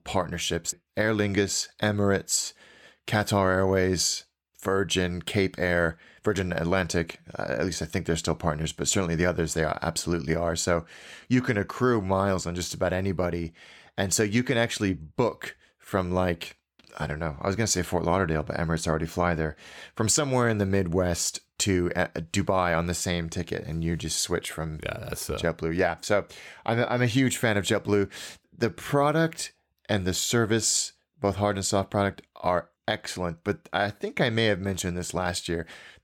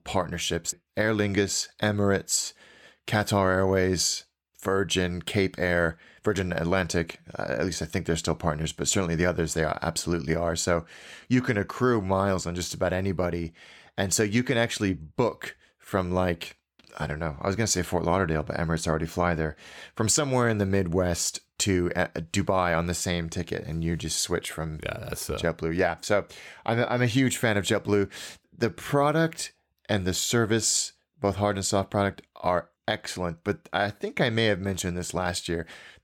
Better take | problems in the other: neither | none

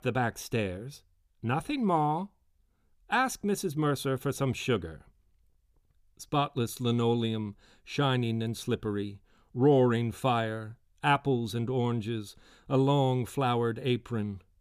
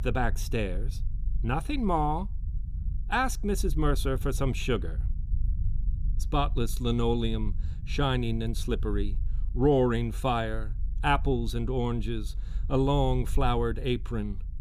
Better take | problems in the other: first | low rumble; faint; throughout; 25 dB below the speech

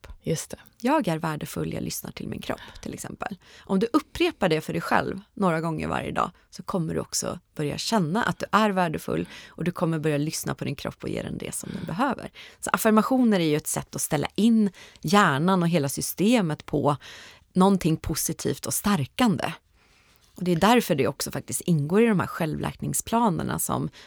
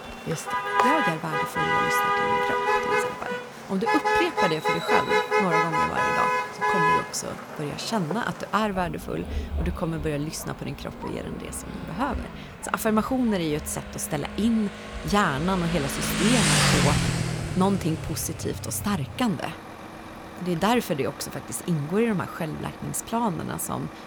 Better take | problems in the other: first | traffic noise; very loud; throughout; 3 dB above the speech

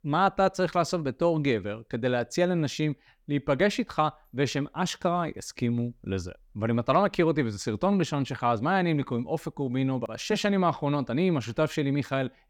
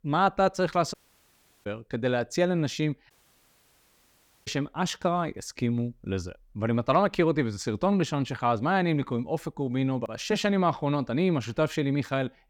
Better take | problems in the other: first | audio cutting out; at 1 s for 0.5 s and at 3 s for 1.5 s

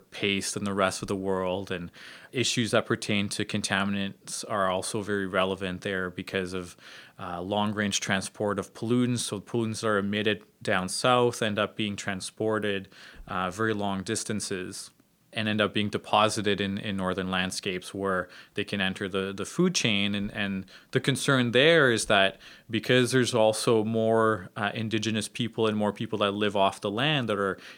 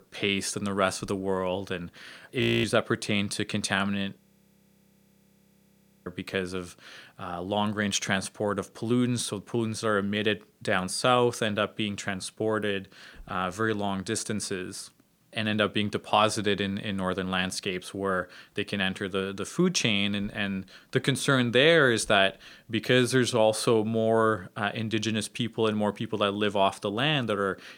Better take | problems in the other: first | audio freezing; at 2.5 s and at 4 s for 2 s

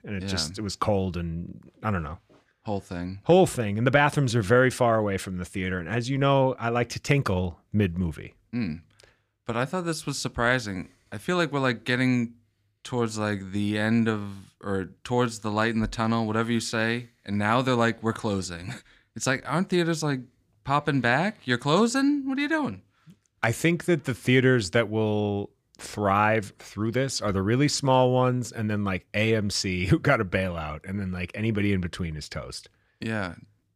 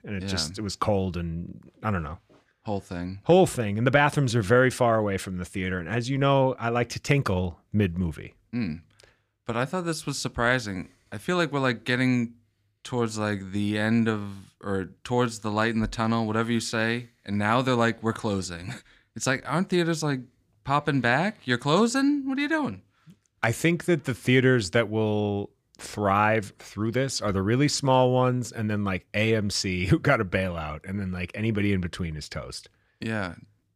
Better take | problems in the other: neither | none

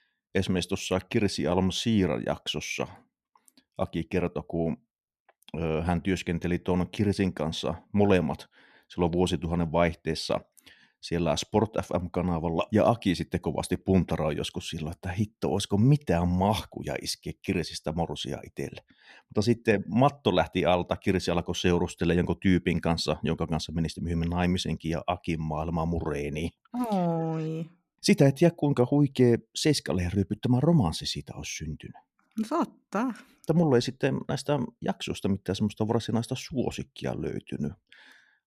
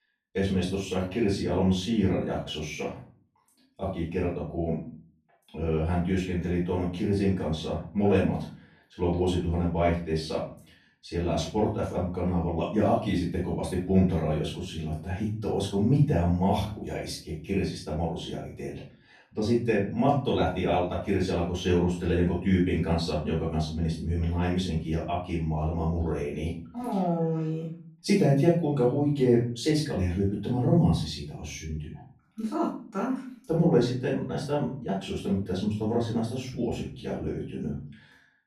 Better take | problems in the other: first | off-mic speech; far // room echo; noticeable; dies away in 0.4 s

